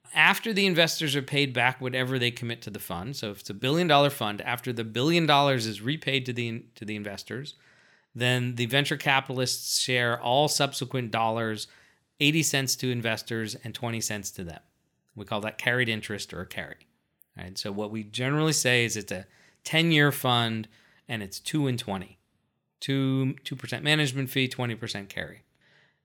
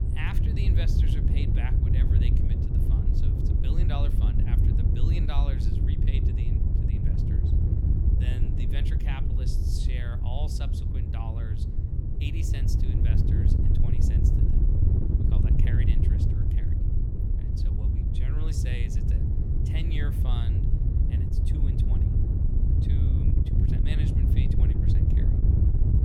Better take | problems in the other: first | wind noise on the microphone; heavy; 3 dB above the speech

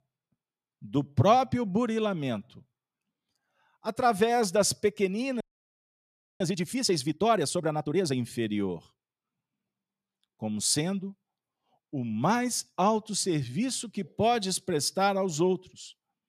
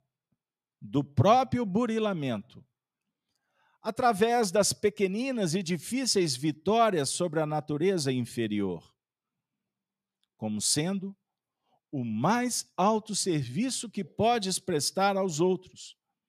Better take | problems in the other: second | audio freezing; at 5.5 s for 1 s

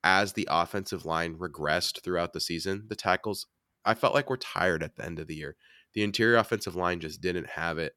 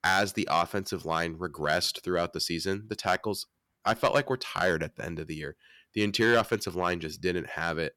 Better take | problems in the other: first | distortion; slight; 1% of the sound clipped

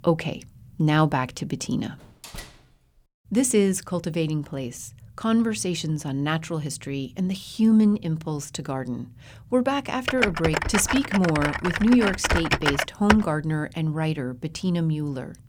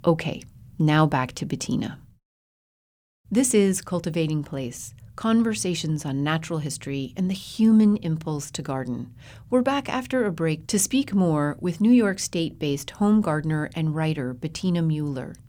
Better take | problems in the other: second | door banging; faint; from 2 to 3 s; peak 15 dB below the speech // keyboard typing; loud; from 10 to 13 s; peak 1 dB above the speech

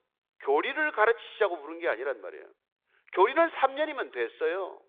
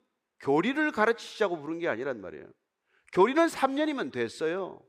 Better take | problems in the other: second | phone-call audio; nothing above 3.5 kHz

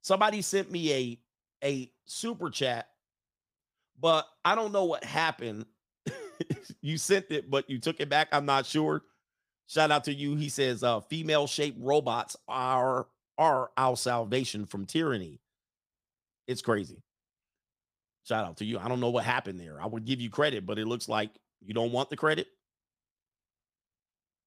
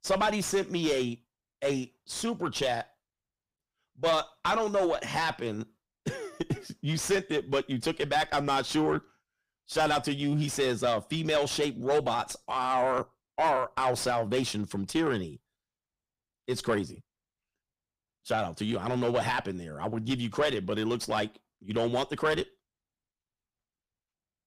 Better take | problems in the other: first | distortion; heavy; 7 dB below the speech

